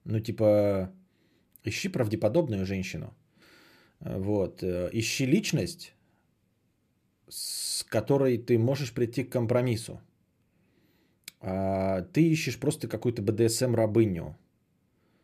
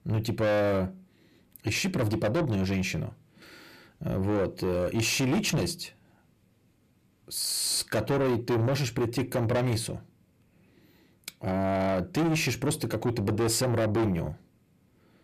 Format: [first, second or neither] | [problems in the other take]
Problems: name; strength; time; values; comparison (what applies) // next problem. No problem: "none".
first | distortion; heavy; 6 dB below the speech